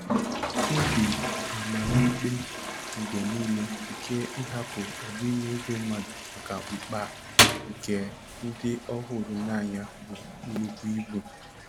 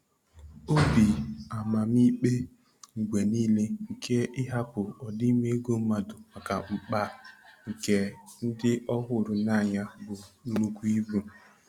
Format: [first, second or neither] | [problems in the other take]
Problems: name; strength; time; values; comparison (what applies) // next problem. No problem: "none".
second | background sound (Toilet flush); as loud as the speech